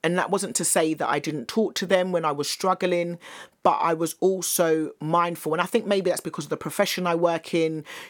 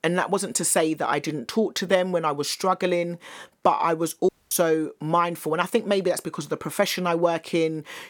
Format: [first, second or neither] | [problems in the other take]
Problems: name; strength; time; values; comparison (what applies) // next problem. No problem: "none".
first | audio cutting out; at 4.5 s